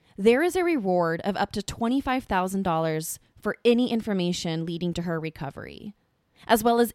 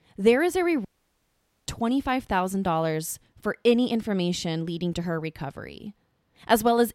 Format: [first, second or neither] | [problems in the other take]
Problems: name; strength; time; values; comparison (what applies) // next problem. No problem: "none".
first | audio cutting out; at 1 s for 1 s